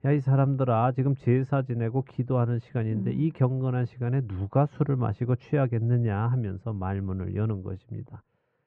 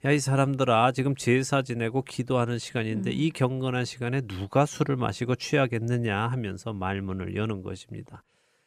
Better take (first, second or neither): second